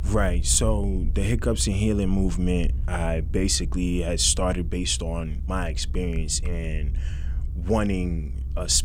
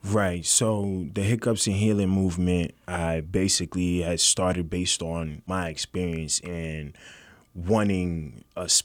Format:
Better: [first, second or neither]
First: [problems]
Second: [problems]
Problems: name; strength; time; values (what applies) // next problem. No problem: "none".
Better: second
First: low rumble; faint; throughout; 20 dB below the speech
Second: none